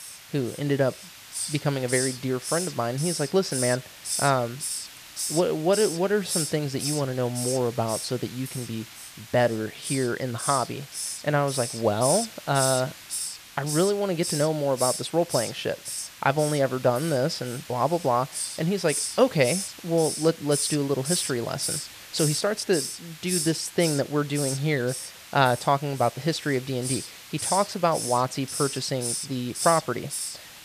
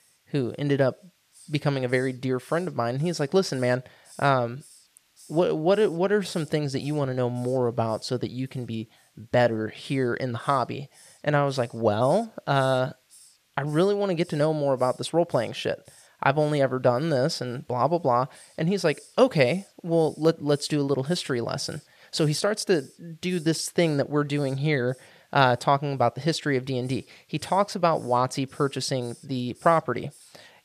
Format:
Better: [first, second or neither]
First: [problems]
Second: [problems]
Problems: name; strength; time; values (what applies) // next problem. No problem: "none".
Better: second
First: hiss; loud; throughout; 5 dB below the speech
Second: hiss; faint; throughout; 25 dB below the speech